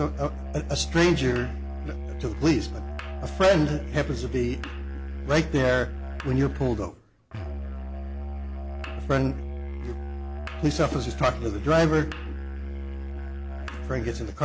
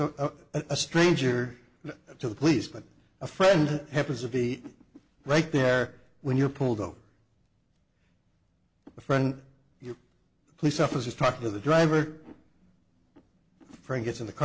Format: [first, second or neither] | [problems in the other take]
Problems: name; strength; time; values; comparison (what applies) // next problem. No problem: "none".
second | background sound (Musical instrument); 6 dB below the speech